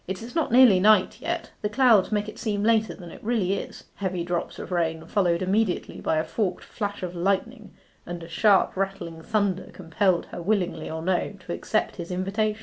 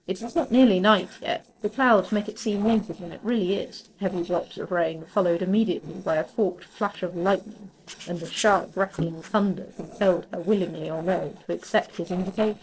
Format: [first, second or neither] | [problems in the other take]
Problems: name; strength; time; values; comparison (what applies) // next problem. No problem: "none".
first | noise reduction (neural separator model SepFormer DNS4)